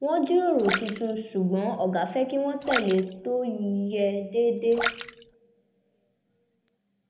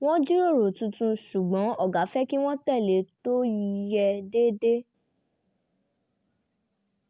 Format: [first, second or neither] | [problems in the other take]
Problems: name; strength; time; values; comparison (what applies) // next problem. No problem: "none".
second | background sound (Splash, splatter); 10 dB below the speech // room echo; dies away in 0.7 s